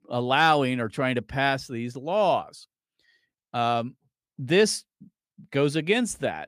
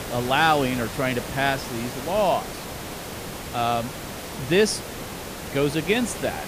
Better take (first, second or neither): first